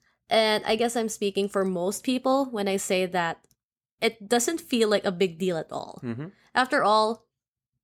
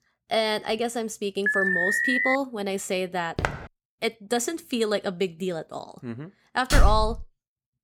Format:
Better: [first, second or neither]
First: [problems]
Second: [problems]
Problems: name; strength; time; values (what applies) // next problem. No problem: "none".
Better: first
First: none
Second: alarm; loud; at 1.5 s; peak 6 dB above the speech // footsteps; noticeable; at 3.5 s; peak 2 dB below the speech // door banging; loud; at 6.5 s; peak 4 dB above the speech